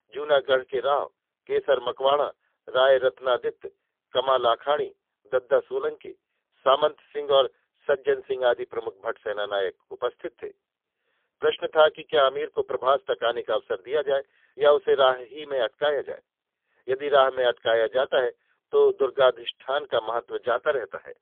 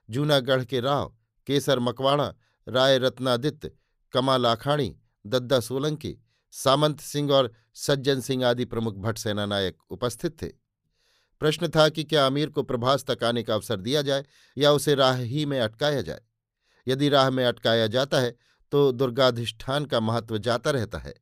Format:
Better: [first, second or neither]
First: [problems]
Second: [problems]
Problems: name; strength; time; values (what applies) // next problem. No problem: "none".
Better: second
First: phone-call audio; poor line; nothing above 3.5 kHz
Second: none